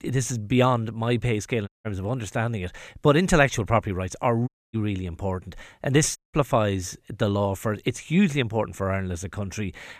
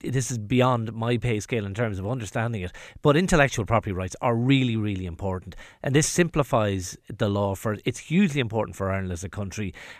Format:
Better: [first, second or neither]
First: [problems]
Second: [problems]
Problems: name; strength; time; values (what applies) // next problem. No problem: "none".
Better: second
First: audio cutting out; at 1.5 s, at 4.5 s and at 6 s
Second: none